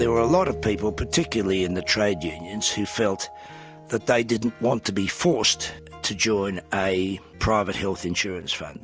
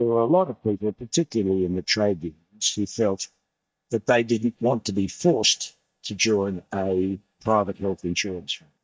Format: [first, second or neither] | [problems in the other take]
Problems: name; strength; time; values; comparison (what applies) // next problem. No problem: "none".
first | noise reduction (neural mask model DeepFilterNet 3)